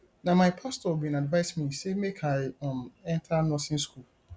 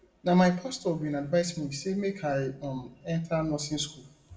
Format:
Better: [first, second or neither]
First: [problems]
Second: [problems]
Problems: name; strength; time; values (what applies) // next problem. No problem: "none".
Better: first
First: none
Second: room echo; dies away in 0.5 s